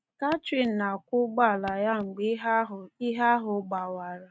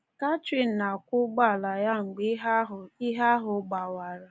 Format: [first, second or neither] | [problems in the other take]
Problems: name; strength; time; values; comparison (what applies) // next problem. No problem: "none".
second | noise reduction (neural mask model RNNoise)